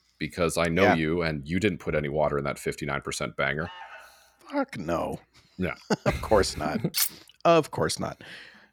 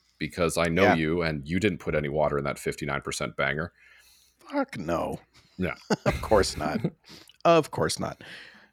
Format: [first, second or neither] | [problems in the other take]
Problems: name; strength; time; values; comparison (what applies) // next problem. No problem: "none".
second | alarm; faint; at 3.5 s; peak 15 dB below the speech // clattering dishes; loud; at 7 s; peak 1 dB above the speech